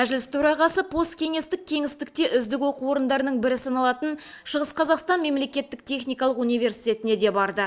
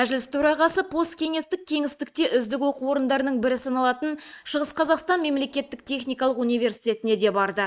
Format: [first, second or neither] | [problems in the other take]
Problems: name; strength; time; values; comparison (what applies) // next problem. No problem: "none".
first | noise reduction (neural mask model Resemble Enhance denoiser)